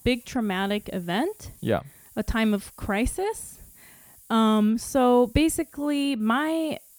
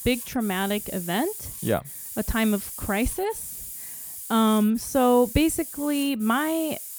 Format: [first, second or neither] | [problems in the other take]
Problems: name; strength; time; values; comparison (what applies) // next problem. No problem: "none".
first | hiss; loud; throughout; 10 dB below the speech; faint in the first